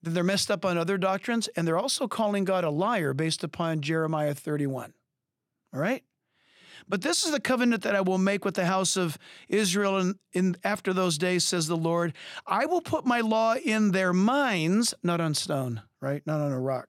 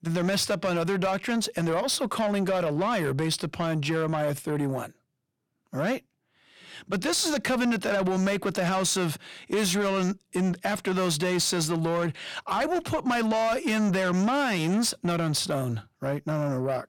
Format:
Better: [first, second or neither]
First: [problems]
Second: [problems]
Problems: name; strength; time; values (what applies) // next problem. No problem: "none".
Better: first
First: none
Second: distortion; slight; 10 dB below the speech